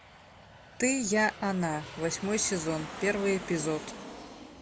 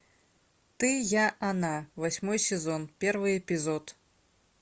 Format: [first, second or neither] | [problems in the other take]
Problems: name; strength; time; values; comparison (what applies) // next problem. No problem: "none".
second | background sound (Aircraft); 12 dB below the speech